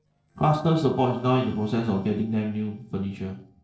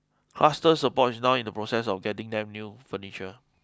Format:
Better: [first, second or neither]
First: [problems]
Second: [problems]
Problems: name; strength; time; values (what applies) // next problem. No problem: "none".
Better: second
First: noise reduction (neural separator model SepFormer DNS4)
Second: none